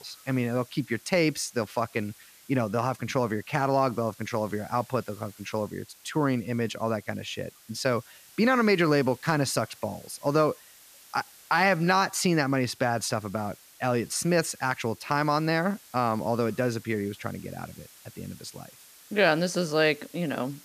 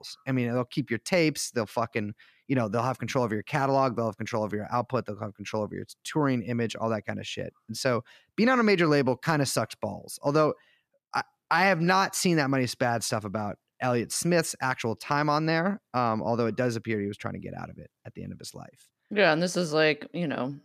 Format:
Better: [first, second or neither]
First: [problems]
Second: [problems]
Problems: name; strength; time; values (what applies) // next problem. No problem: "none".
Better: second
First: hiss; faint; throughout; 25 dB below the speech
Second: none